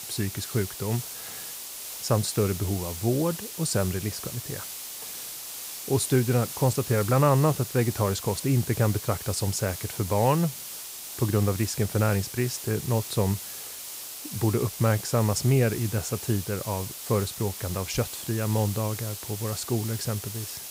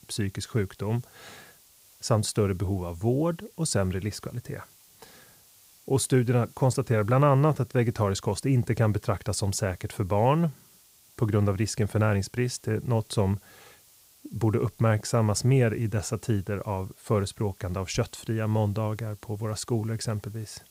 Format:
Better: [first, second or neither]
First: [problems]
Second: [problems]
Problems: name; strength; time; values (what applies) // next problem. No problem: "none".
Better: second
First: hiss; loud; throughout; 8 dB below the speech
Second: hiss; faint; throughout; 25 dB below the speech